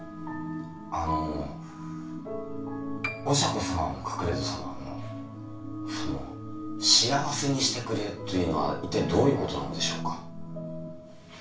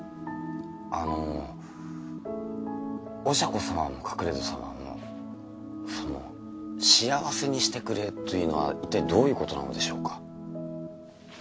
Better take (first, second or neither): second